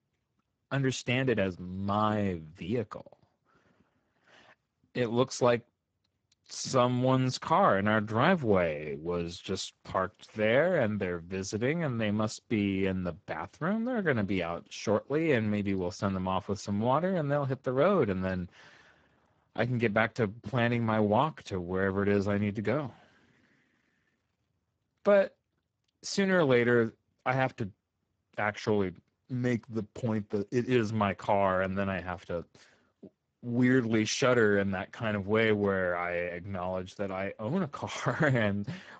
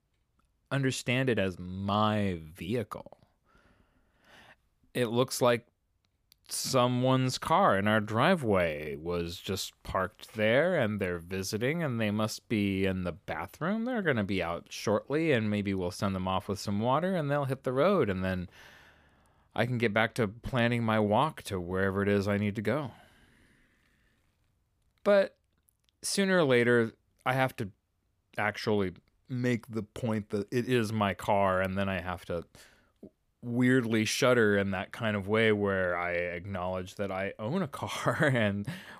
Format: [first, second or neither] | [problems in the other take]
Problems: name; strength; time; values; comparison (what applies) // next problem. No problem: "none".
second | garbled, watery; badly; nothing above 7.5 kHz